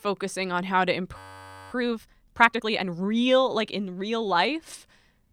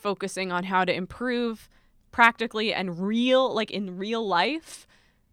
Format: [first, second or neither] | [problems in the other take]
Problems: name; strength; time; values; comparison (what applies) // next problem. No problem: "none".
second | audio freezing; at 1 s for 0.5 s